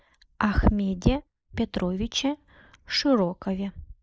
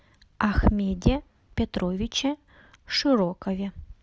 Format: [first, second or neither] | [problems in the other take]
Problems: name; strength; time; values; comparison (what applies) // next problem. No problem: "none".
second | noise reduction (neural mask model Resemble Enhance denoiser)